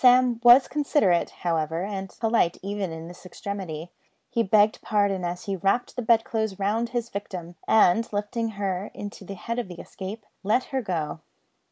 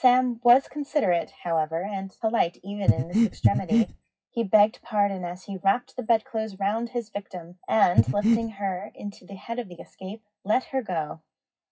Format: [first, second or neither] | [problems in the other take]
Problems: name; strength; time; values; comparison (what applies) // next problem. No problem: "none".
first | noise reduction (classical method WPE with log-MMSE)